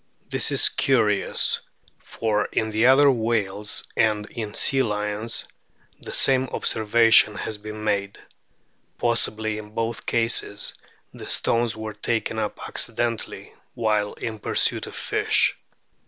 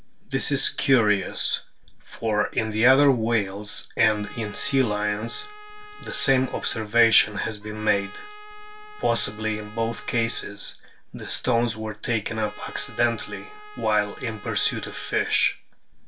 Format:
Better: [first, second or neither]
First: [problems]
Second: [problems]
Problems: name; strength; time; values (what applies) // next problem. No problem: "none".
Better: first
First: none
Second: background sound (Trumpet); 18 dB below the speech // room echo; dies away in 0.2 s